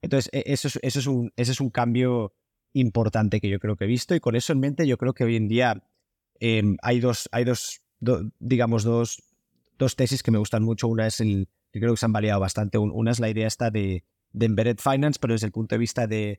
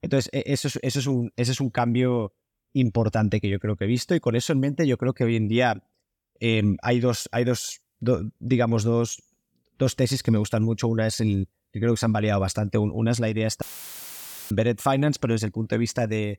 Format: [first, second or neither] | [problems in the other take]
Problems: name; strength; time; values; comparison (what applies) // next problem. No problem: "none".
first | audio cutting out; filled with static; at 14 s for 1 s